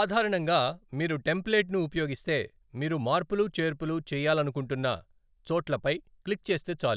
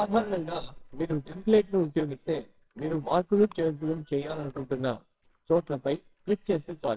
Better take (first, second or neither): first